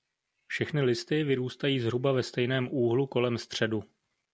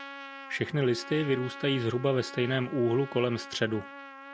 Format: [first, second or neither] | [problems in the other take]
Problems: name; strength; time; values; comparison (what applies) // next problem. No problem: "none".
first | background sound (Trumpet); 15 dB below the speech